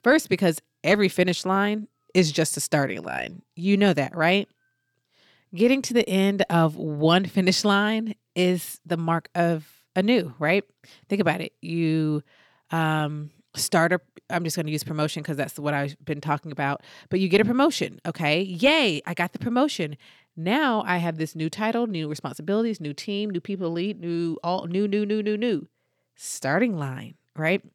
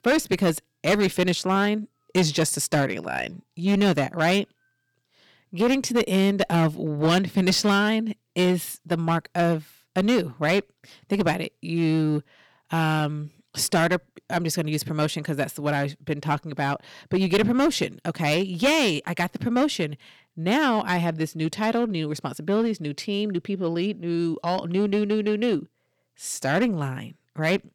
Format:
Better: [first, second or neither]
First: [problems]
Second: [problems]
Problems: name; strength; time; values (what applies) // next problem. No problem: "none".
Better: first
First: none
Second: distortion; slight; 6% of the sound clipped